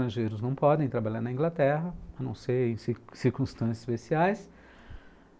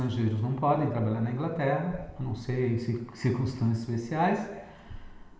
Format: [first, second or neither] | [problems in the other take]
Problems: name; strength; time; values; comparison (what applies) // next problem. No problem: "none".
first | room echo; dies away in 1.1 s